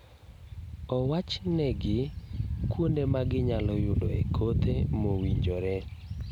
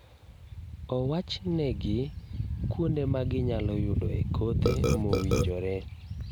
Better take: first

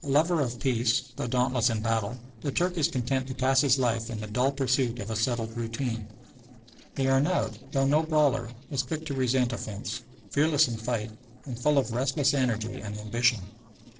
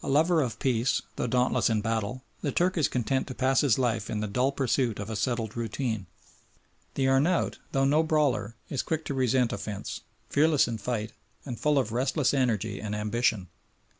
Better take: second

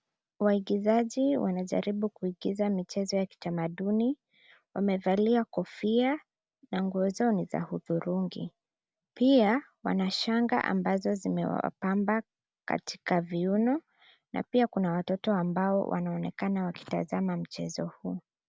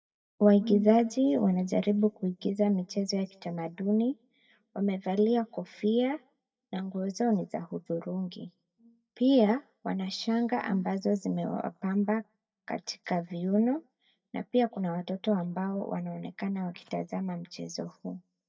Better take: first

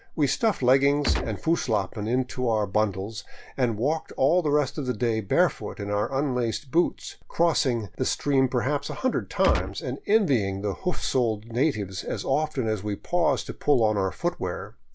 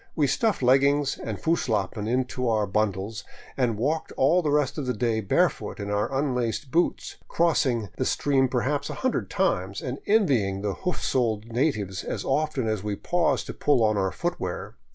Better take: second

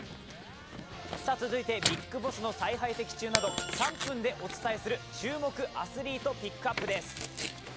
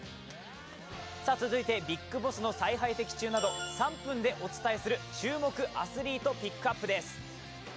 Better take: second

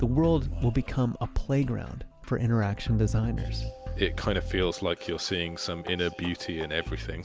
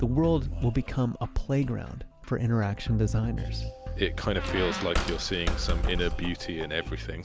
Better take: first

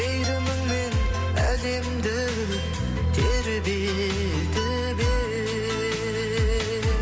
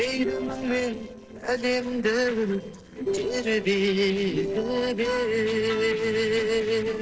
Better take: first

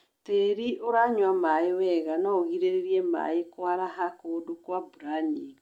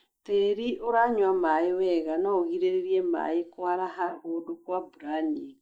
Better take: first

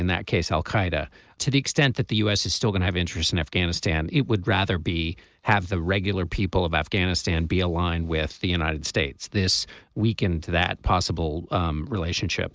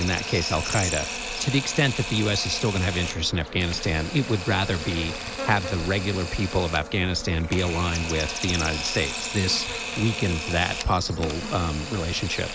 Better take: first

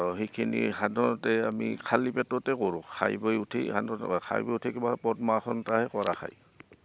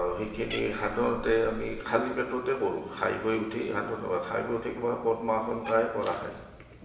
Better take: first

